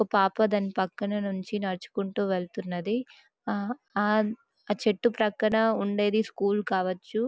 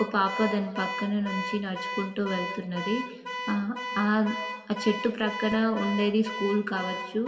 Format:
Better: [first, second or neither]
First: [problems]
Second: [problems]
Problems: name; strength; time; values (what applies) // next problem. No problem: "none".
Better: first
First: none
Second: background sound (Alarm / Car); 8 dB below the speech // room echo; dies away in 1.7 s